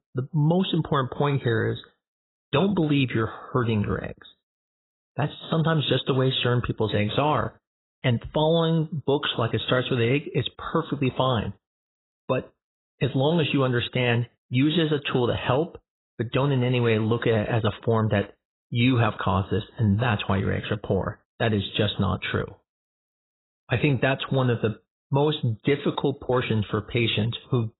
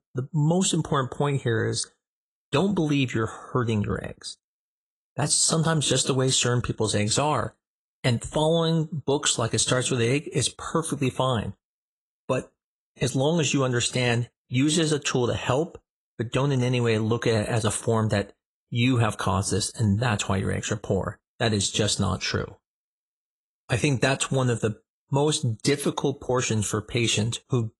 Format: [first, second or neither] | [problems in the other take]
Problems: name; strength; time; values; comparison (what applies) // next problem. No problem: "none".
second | garbled, watery; badly; nothing above 4 kHz; slightly in the second